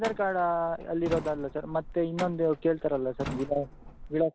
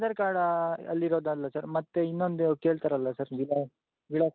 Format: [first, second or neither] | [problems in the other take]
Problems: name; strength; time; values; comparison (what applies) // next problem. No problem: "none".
second | background sound (Truck); 13 dB below the speech